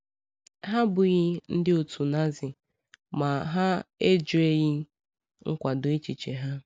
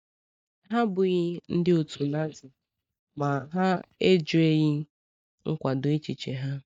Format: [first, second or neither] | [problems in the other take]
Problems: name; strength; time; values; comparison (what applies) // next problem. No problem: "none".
first | noise reduction (neural mask model DeepFilterNet 3)